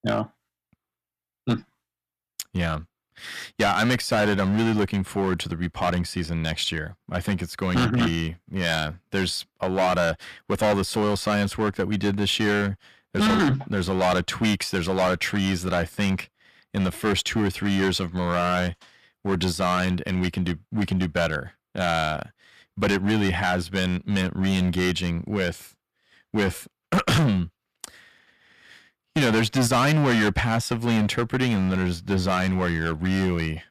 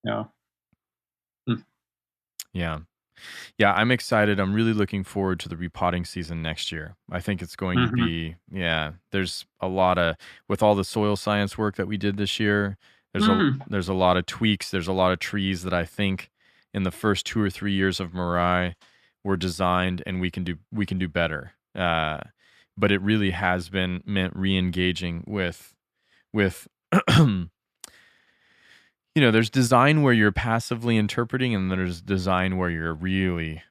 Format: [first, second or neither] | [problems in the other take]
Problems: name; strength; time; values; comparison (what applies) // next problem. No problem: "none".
second | distortion; heavy; 10% of the sound clipped